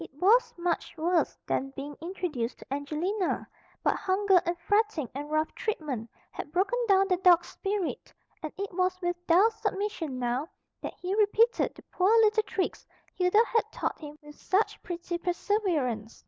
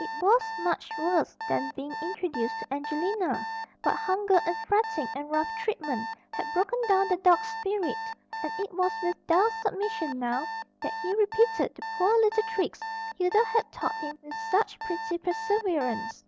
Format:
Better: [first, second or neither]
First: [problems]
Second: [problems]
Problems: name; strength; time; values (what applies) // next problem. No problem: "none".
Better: first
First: none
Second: background sound (Alarm); 8 dB below the speech